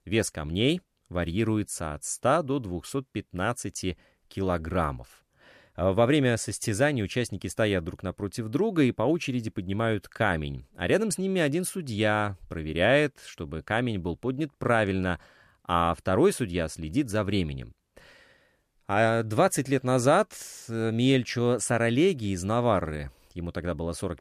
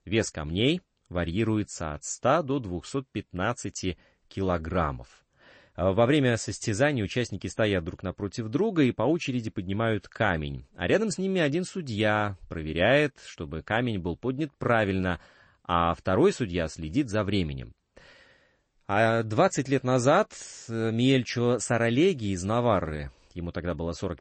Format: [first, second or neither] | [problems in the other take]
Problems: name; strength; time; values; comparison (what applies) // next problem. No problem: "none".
first | garbled, watery; slightly; nothing above 8 kHz